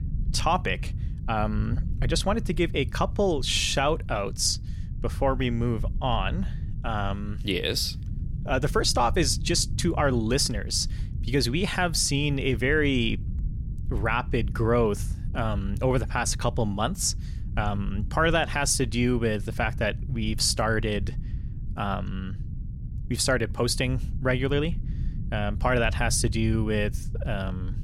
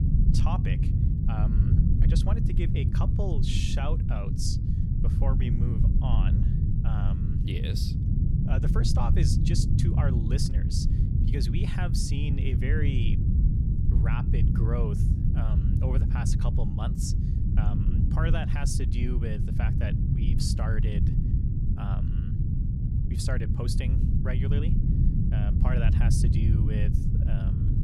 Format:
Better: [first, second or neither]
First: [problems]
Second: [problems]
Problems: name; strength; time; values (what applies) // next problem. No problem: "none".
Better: first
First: low rumble; faint; throughout; 20 dB below the speech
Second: low rumble; loud; throughout; as loud as the speech